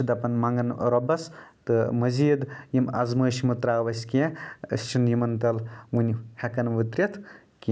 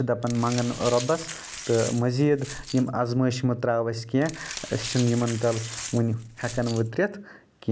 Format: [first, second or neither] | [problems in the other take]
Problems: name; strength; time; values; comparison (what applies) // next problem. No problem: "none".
first | background sound (Glass); 13 dB below the speech